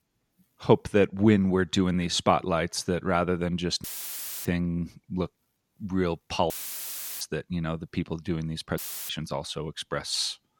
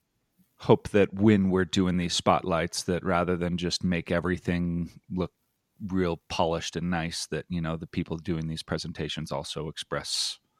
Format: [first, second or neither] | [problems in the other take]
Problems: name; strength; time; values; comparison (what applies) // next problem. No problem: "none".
second | audio cutting out; filled with static; at 4 s for 0.5 s, at 6.5 s for 0.5 s and at 9 s